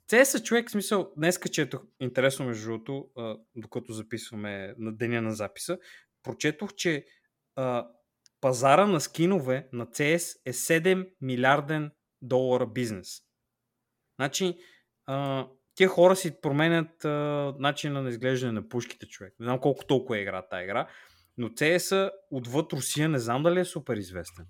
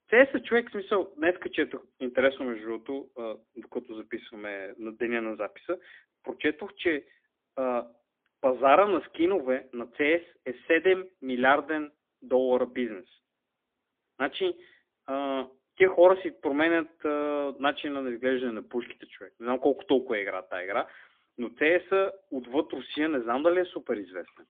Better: first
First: none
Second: phone-call audio; poor line; nothing above 3.5 kHz

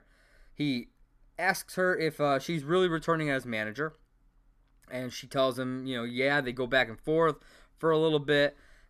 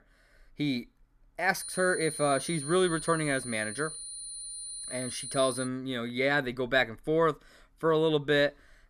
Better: first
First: none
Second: high-pitched whine; loud; from 1.5 to 5.5 s; 9.5 kHz, 8 dB below the speech

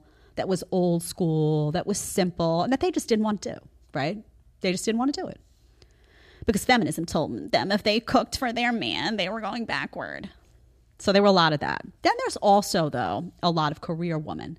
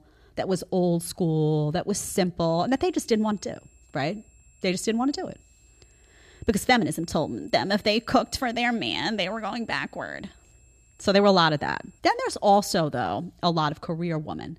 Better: first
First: none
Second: high-pitched whine; faint; from 2.5 to 12 s; 7.5 kHz, 35 dB below the speech

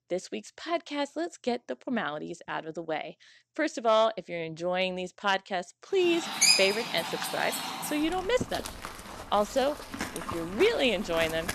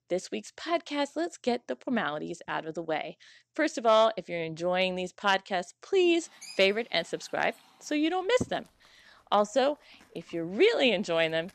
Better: second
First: animal sounds; loud; from 6 s on; 1 dB below the speech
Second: animal sounds; faint; from 6 s on; 25 dB below the speech

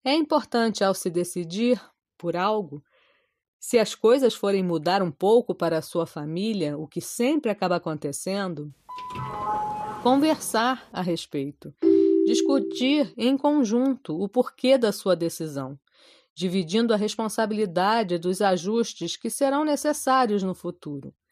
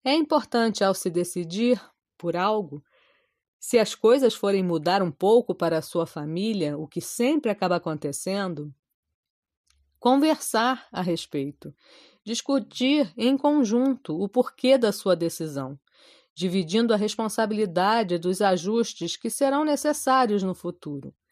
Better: second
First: doorbell; noticeable; from 9 to 10 s; peak 3 dB below the speech // phone ringing; loud; at 12 s; peak 6 dB above the speech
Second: none

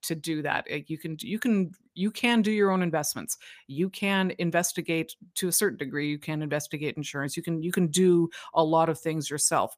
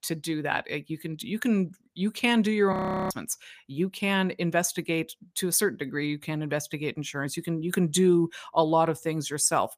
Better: first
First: none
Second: audio freezing; at 2.5 s

